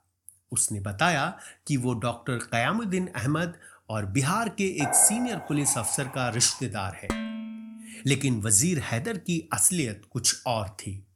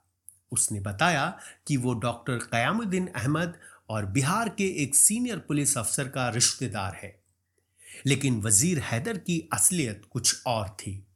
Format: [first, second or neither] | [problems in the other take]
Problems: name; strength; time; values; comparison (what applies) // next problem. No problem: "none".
second | clattering dishes; noticeable; from 5 to 6.5 s and at 7 s; peak 6 dB below the speech